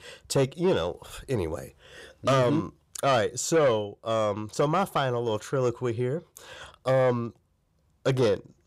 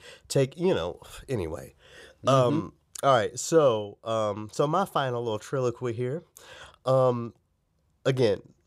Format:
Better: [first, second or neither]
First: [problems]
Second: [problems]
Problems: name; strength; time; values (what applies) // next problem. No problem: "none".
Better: second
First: distortion; slight; 10 dB below the speech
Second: none